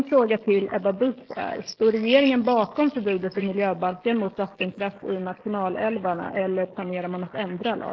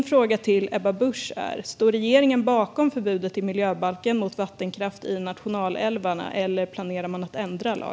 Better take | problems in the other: second | noise reduction (neural mask model Resemble Enhance denoiser)

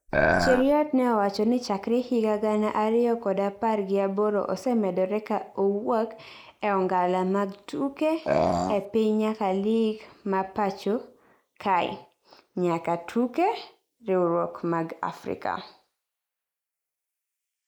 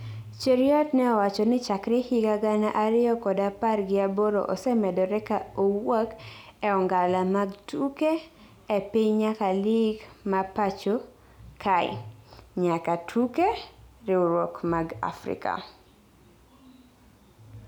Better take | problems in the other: second | noise reduction (neural mask model Resemble Enhance denoiser)

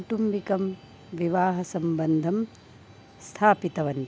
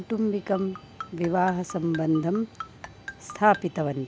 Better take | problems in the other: first | background sound (Marimba, xylophone); 16 dB below the speech

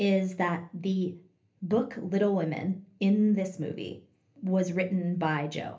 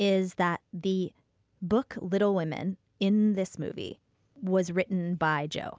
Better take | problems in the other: second | room echo; dies away in 0.3 s

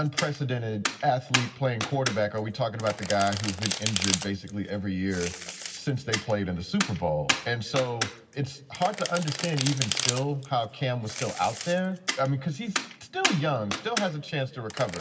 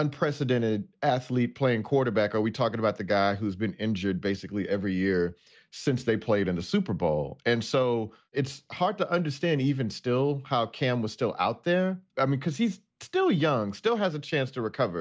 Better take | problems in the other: second | background sound (Domestic sounds, home sounds); 5 dB below the speech // room echo; dies away in 1.5 s

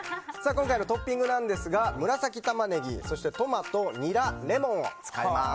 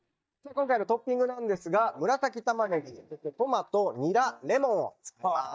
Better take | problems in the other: first | noise reduction (neural mask model DeepFilterNet 3)

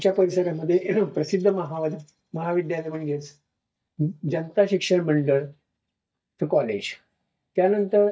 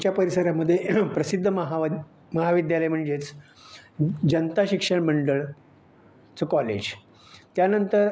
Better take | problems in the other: second | noise reduction (neural mask model DeepFilterNet 3)

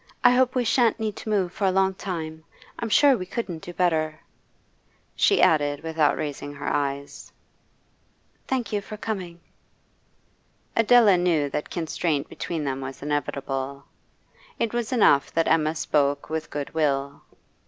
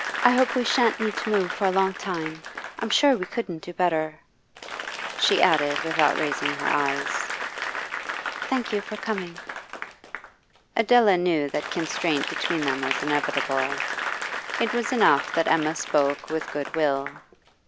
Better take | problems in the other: first | background sound (Applause / Crowd); 6 dB below the speech

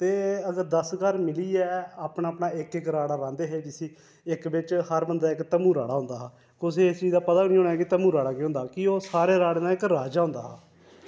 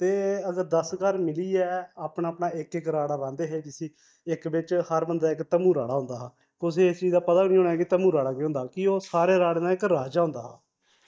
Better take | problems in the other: first | noise reduction (neural mask model DeepFilterNet 3)

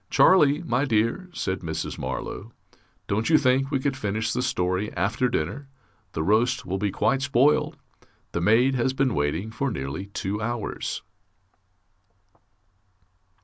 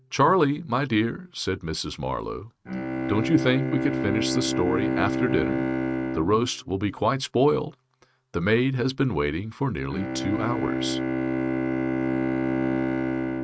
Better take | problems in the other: first | noise reduction (neural mask model RNNoise)

